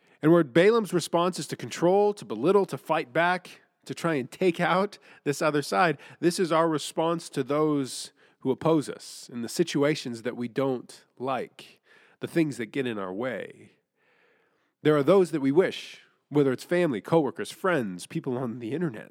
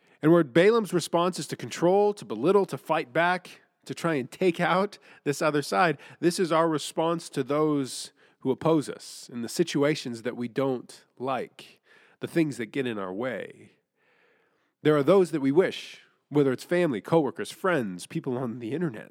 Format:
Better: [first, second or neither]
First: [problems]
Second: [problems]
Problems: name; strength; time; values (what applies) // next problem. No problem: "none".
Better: neither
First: none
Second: none